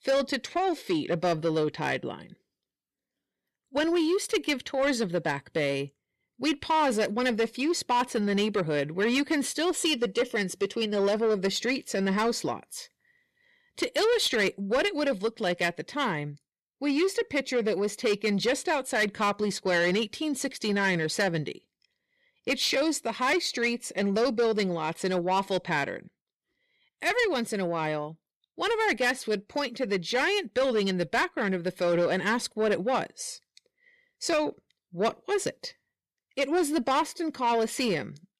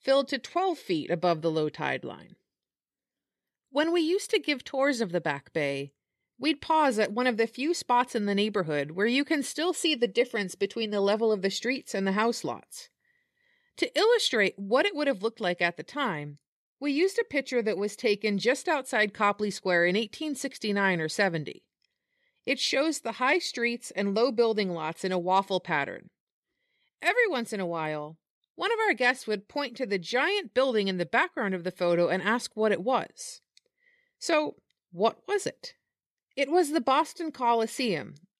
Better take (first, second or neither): second